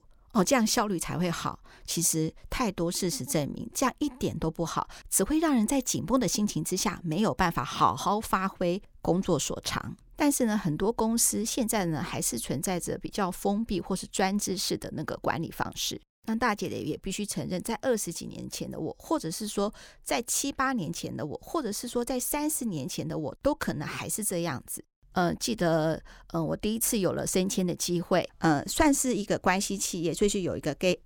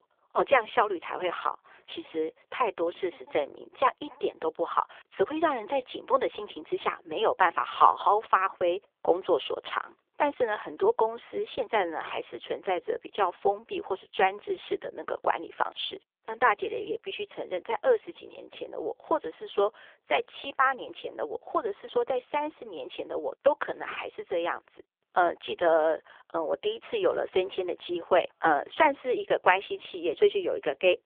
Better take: first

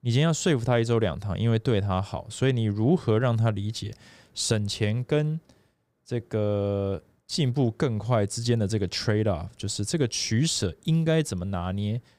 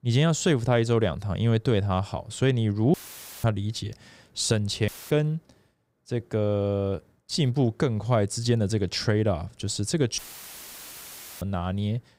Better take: first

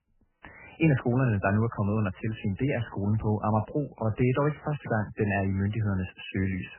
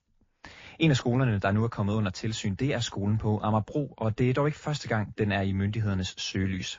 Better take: second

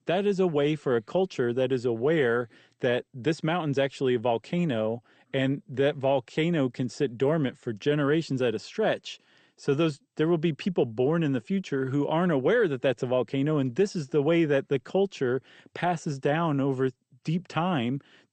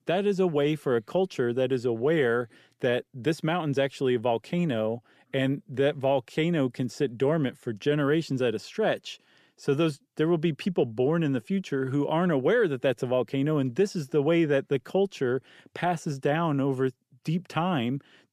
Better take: second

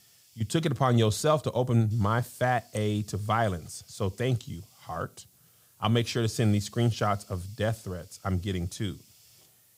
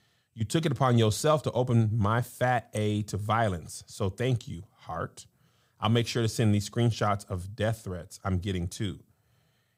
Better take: second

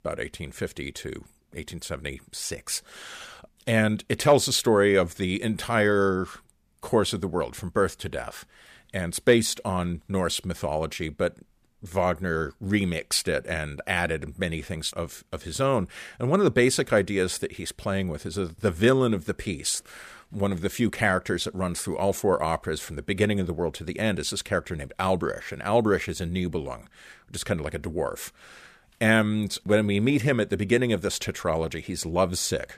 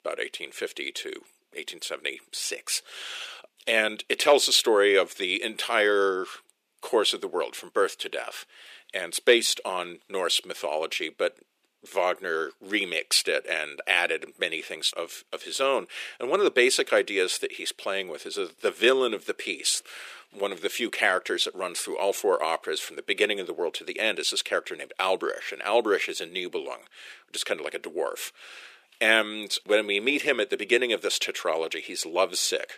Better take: first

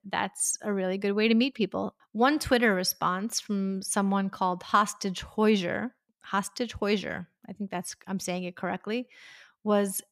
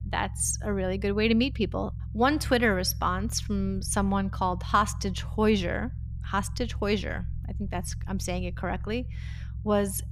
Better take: first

